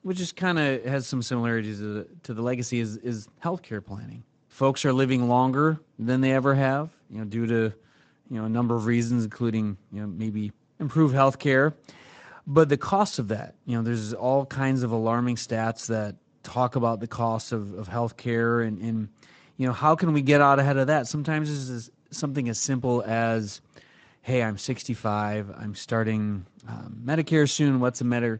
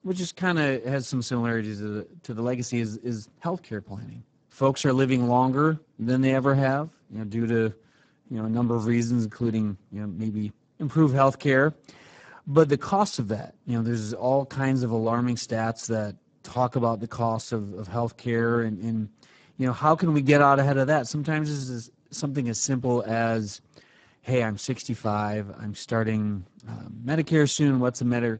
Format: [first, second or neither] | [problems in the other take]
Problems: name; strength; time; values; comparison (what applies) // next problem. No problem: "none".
first | garbled, watery; badly; nothing above 7.5 kHz; slightly in the first